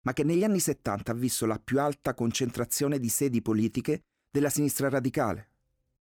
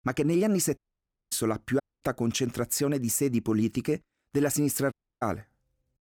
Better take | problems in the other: first | audio cutting out; at 1 s for 0.5 s, at 2 s and at 5 s

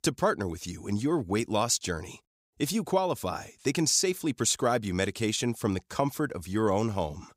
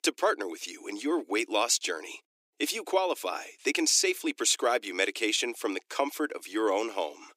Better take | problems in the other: first | thin; somewhat; fading below 300 Hz

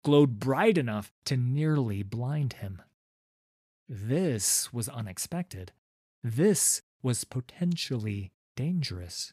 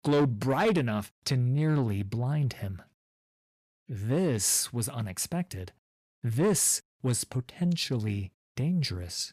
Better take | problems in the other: first | distortion; slight; 10 dB below the speech

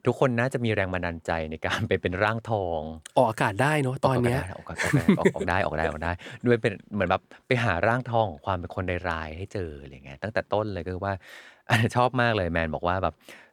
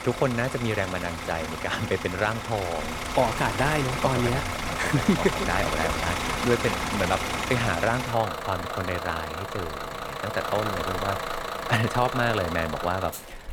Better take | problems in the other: first | traffic noise; loud; throughout; 3 dB below the speech

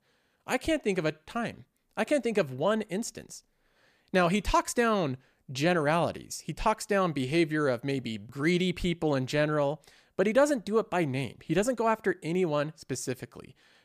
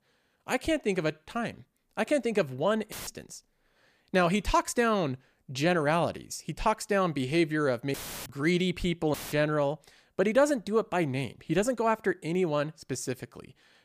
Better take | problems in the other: first | audio cutting out; filled with static; at 3 s, at 8 s and at 9 s

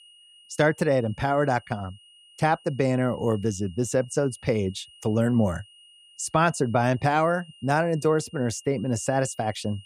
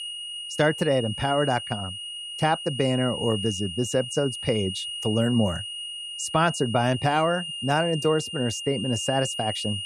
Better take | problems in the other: first | high-pitched whine; loud; throughout; 3 kHz, 6 dB below the speech; faint in the first

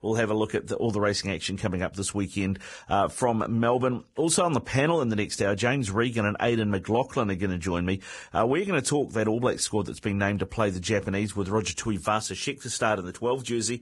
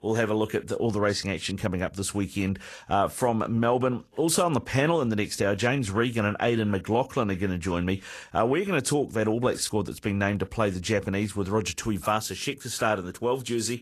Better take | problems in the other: second | garbled, watery; badly; nothing above 10.5 kHz; slightly in the second

